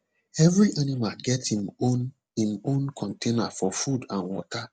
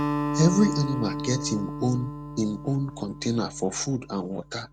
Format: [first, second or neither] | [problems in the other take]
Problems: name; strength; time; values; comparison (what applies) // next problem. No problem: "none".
first | background sound (Acoustic guitar); 6 dB below the speech